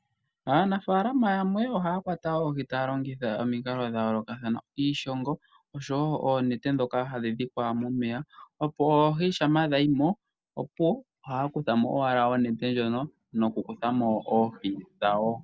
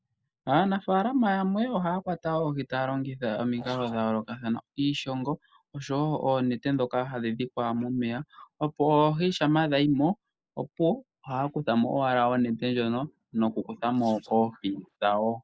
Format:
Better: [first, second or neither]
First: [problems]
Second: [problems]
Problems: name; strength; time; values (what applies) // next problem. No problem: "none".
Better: first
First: none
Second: noise reduction (neural mask model Resemble Enhance denoiser)